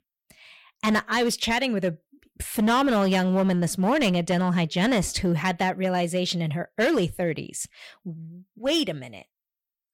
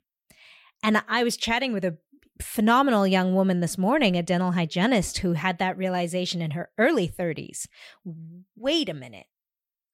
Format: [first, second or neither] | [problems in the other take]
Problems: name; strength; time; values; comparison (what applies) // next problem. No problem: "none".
second | distortion; slight; 7% of the sound clipped